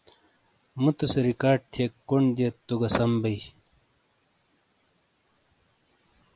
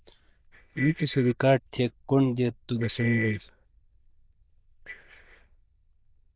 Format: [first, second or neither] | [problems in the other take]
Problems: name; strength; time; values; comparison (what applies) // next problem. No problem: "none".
first | noise reduction (neural diffusion model UNIVERSE++)